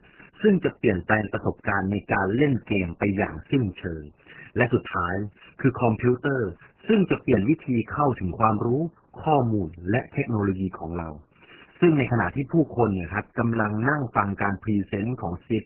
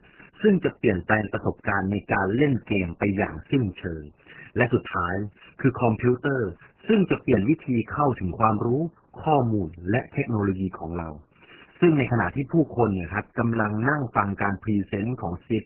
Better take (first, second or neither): neither